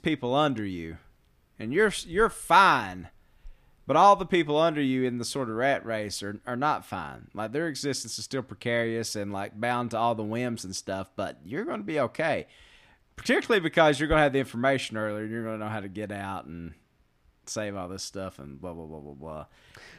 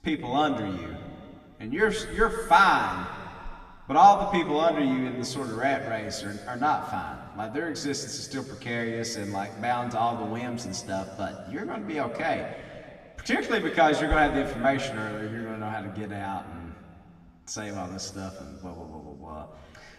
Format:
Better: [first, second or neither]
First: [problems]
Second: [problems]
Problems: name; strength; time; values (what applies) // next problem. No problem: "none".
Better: first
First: none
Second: room echo; noticeable; dies away in 1.9 s // off-mic speech; far